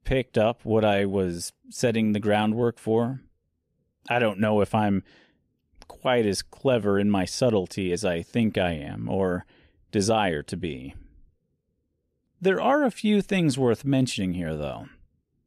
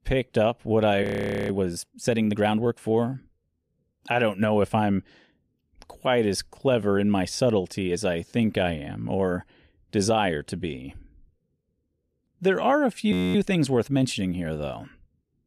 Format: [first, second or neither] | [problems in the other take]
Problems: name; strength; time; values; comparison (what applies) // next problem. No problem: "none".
first | audio freezing; at 1 s and at 13 s